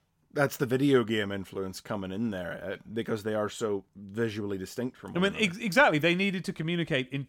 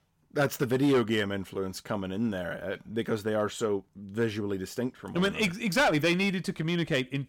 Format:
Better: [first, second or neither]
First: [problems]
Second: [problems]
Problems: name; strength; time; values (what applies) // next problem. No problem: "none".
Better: first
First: none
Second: distortion; slight; 3% of the sound clipped